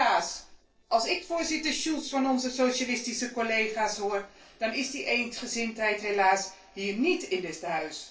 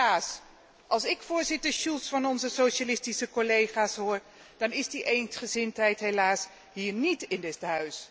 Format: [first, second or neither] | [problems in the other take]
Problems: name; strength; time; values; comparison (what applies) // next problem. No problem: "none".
second | noise reduction (neural separator model SepFormer DNS4)